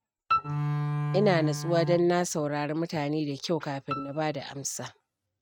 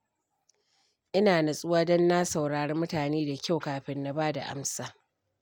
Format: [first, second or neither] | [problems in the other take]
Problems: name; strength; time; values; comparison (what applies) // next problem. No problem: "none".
second | noise reduction (neural mask model RNNoise)